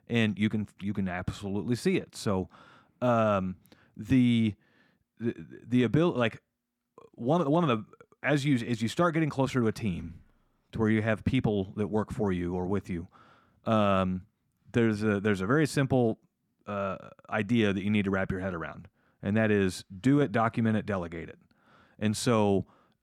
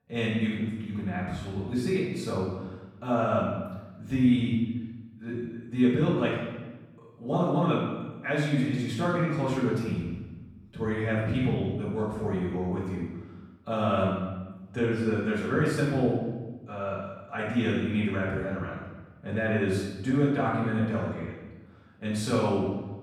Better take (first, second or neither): first